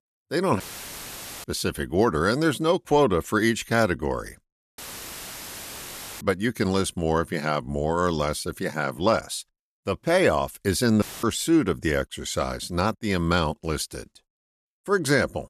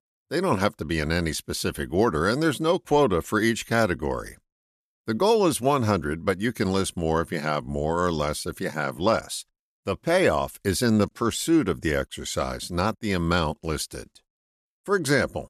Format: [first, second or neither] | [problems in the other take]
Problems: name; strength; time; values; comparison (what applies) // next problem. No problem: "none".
second | audio cutting out; filled with static; at 0.5 s for 1 s, at 5 s for 1.5 s and at 11 s